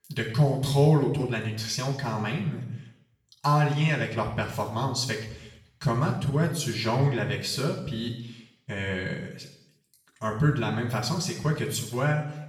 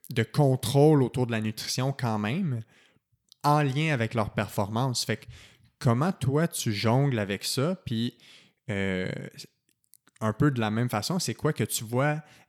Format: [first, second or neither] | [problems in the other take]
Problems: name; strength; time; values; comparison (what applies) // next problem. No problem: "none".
second | room echo; noticeable; dies away in 0.7 s // off-mic speech; far